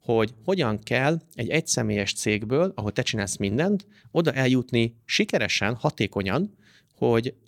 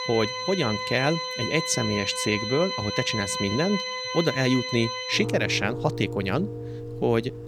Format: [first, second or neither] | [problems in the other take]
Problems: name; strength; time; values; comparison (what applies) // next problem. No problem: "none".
first | background music; loud; throughout; 4 dB below the speech